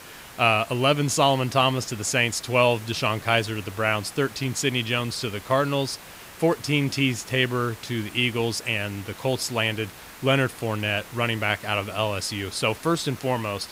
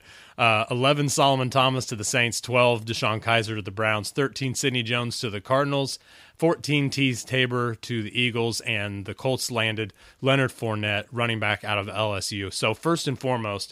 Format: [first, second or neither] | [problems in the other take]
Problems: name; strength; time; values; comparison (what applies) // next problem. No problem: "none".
second | hiss; noticeable; throughout; 20 dB below the speech